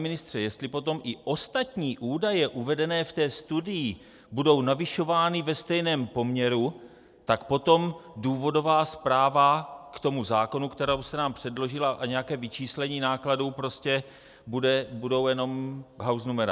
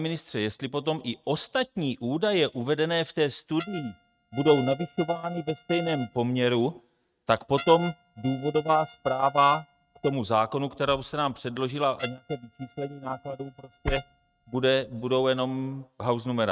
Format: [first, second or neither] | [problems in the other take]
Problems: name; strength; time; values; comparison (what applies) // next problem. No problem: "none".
first | noise reduction (neural mask model RNNoise)